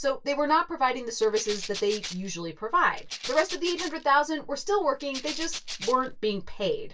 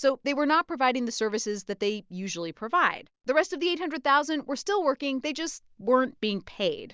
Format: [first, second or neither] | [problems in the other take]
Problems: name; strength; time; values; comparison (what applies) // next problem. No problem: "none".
second | background sound (Rattle (instrument)); 11 dB below the speech // room echo; dies away in 0.1 s